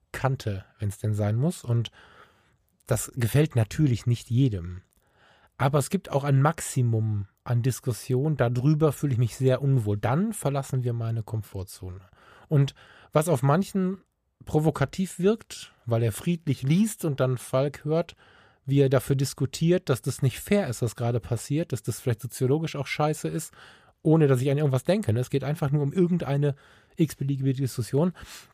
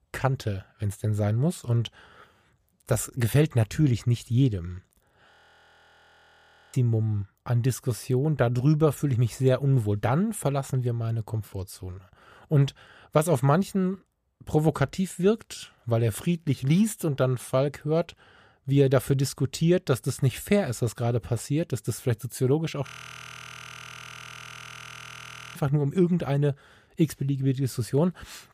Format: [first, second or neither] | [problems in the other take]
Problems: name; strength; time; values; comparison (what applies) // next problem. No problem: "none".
first | audio freezing; at 5.5 s for 1.5 s and at 23 s for 2.5 s